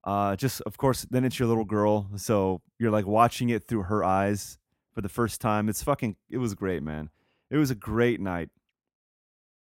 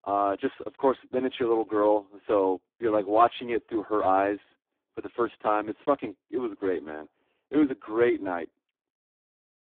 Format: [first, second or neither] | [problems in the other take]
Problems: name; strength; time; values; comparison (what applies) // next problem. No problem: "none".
first | phone-call audio; poor line